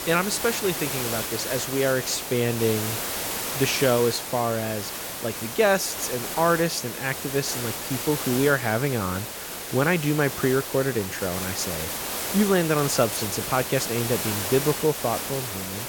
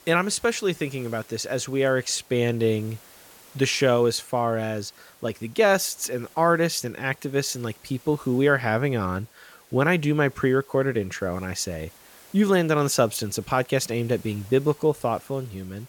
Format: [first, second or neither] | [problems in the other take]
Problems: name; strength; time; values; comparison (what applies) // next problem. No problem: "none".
second | hiss; loud; throughout; 4 dB below the speech; faint in the second